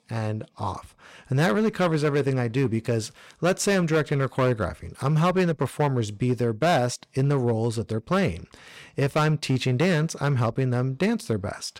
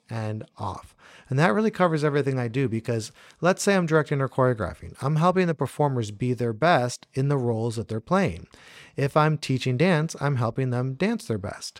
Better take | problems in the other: second | distortion; slight; 6% of the sound clipped

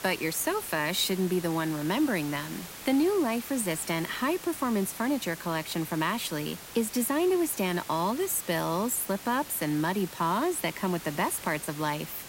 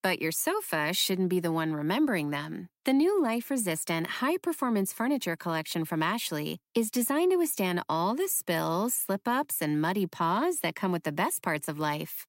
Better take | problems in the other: second | hiss; noticeable; throughout; 15 dB below the speech

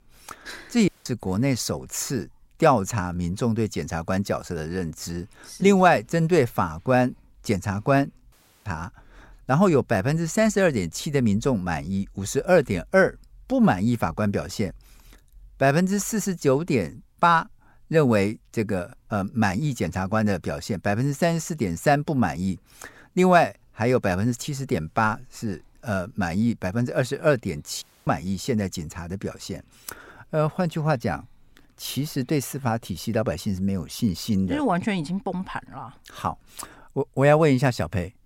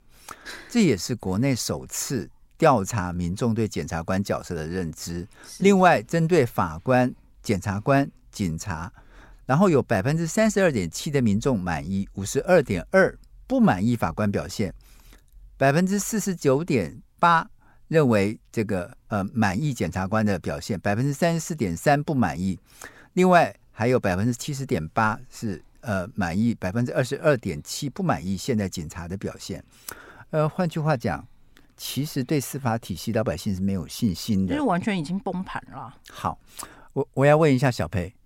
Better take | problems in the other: second | audio cutting out; at 1 s, at 8.5 s and at 28 s

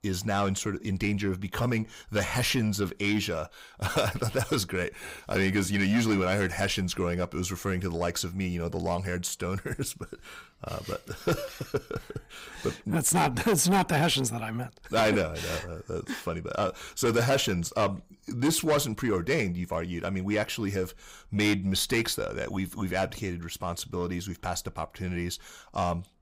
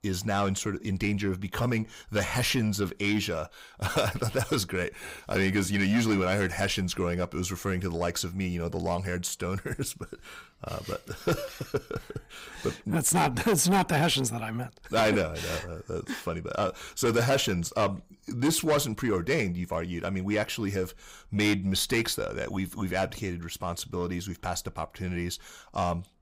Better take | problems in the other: neither | distortion; heavy; 7 dB below the speech; the same in both

